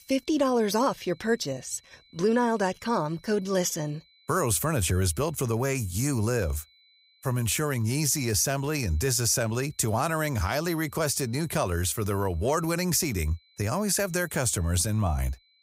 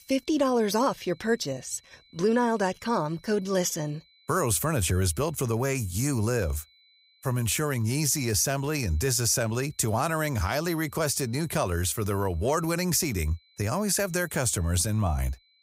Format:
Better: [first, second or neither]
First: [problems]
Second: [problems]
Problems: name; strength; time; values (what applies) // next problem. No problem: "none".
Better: neither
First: high-pitched whine; faint; throughout; 4 kHz, 35 dB below the speech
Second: high-pitched whine; faint; throughout; 4 kHz, 35 dB below the speech